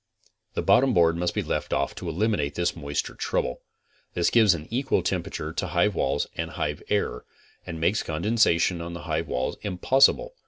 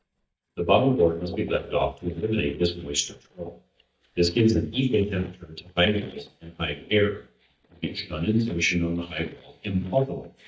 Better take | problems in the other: first | noise reduction (neural mask model DeepFilterNet 3)

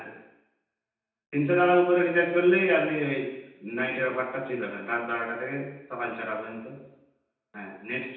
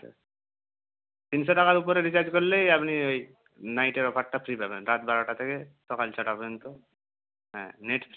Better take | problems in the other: second | room echo; dies away in 0.9 s

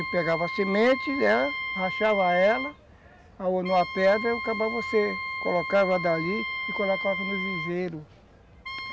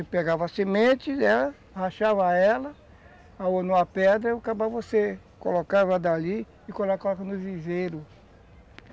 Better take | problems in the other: second | background sound (Wind instrument, woodwind instrument); 7 dB below the speech

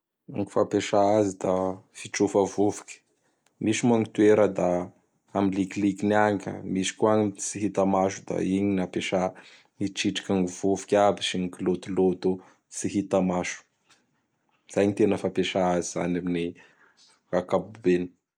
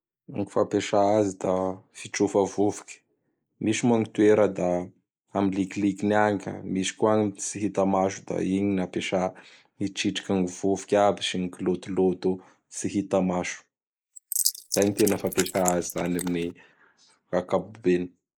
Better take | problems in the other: first | noise reduction (neural mask model Resemble Enhance denoiser)

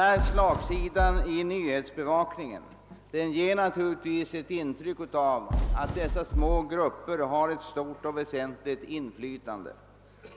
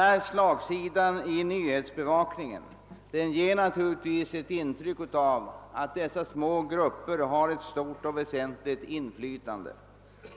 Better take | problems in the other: second | background sound (Fireworks); 1 dB above the speech

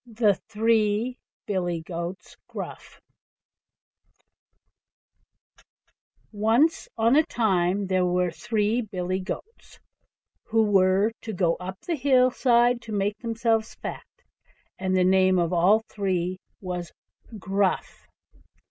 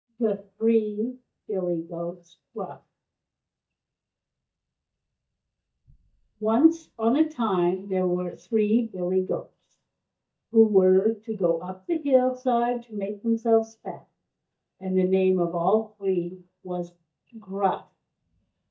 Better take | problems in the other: first | noise reduction (neural mask model DeepFilterNet 3)

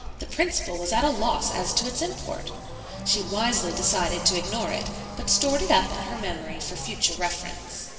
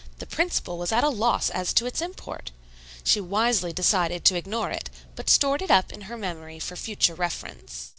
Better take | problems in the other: second | background sound (Race car, auto racing / Accelerating, revving, vroom); 13 dB below the speech // room echo; dies away in 2.5 s

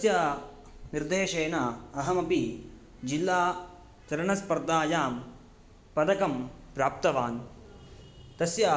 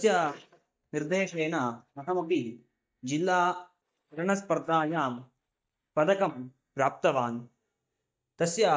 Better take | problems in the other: first | noise reduction (neural mask model DeepFilterNet 3)

